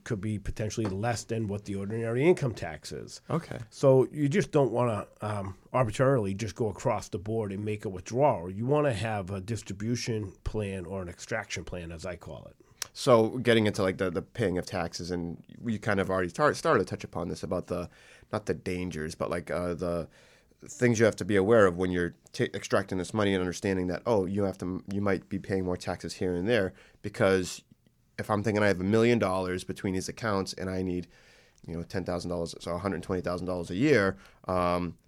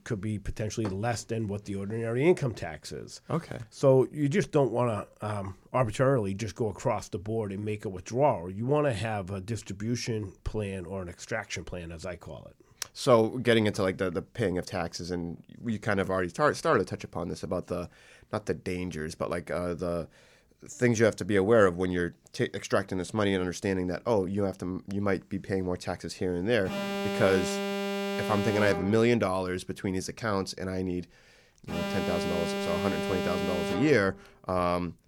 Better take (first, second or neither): first